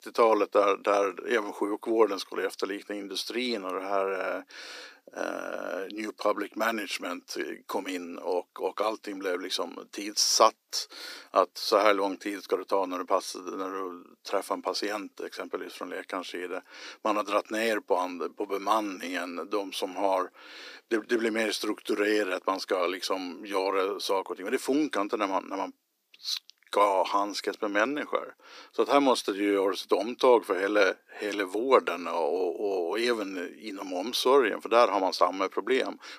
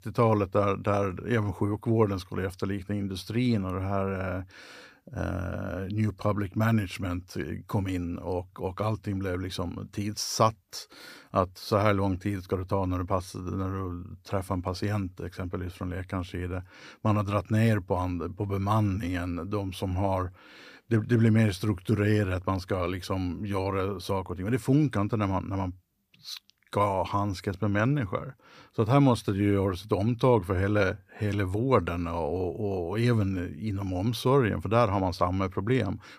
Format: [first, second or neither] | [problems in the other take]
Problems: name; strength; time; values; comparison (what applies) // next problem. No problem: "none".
second | thin; somewhat; fading below 300 Hz